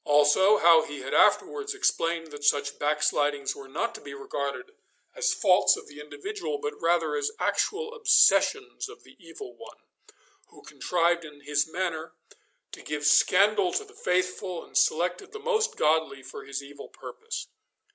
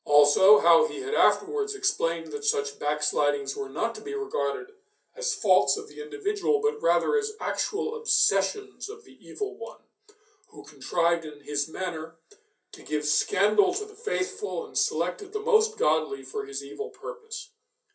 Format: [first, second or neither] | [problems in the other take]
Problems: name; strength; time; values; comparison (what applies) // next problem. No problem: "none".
first | room echo; dies away in 0.3 s